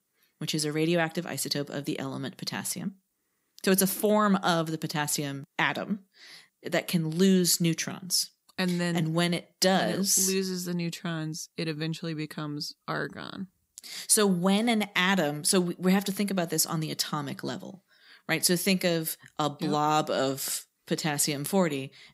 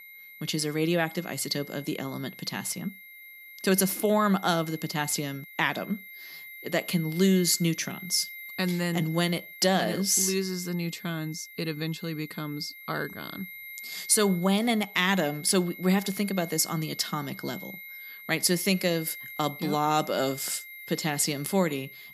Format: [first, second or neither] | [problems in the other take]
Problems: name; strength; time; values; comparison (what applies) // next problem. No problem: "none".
first | high-pitched whine; noticeable; throughout; 2 kHz, 15 dB below the speech